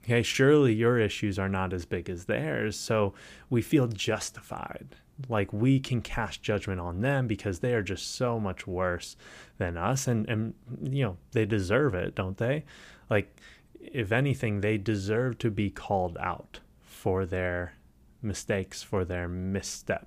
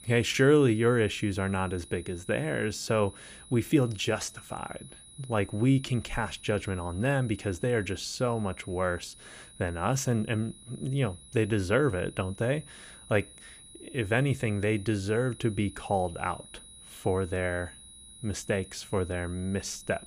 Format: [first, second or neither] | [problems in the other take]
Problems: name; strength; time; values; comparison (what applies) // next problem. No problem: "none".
first | high-pitched whine; noticeable; throughout; 10.5 kHz, 20 dB below the speech